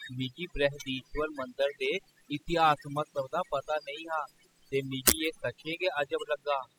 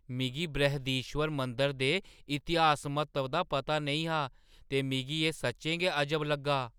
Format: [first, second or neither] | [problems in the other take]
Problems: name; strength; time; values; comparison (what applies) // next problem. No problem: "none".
second | noise reduction (classical method spectral subtraction)